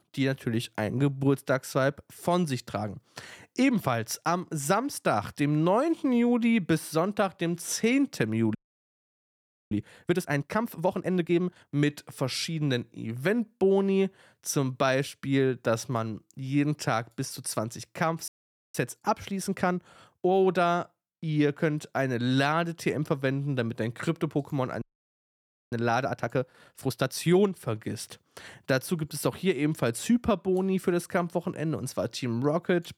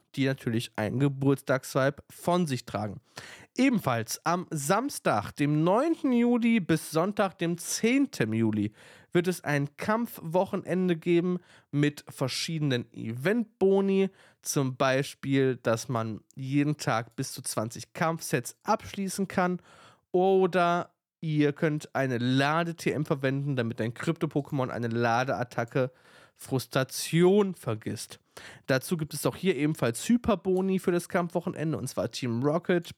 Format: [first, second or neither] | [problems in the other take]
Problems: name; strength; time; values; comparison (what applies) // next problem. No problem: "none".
second | audio freezing; at 8.5 s for 1 s, at 18 s and at 25 s for 1 s